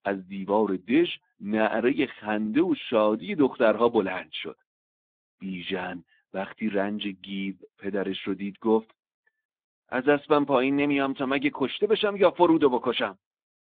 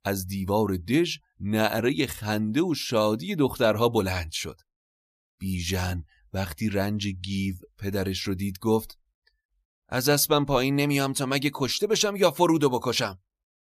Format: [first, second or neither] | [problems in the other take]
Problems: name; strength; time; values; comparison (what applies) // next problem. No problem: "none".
second | phone-call audio; nothing above 3.5 kHz